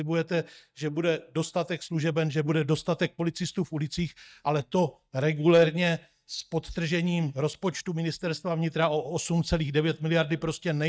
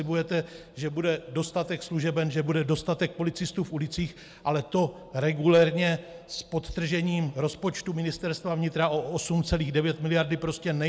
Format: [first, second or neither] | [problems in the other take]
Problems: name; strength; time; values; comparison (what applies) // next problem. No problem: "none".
second | noise reduction (neural mask model DeepFilterNet 3)